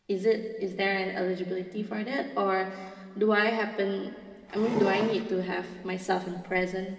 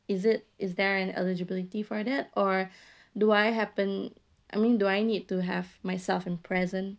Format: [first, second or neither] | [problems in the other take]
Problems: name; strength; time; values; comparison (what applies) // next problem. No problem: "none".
second | background sound (Wood); 6 dB below the speech // room echo; dies away in 2.8 s